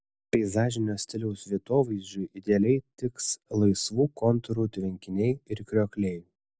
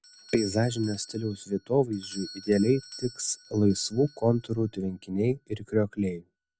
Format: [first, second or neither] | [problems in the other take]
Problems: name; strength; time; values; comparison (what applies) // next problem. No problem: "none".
first | background sound (Doorbell); 20 dB below the speech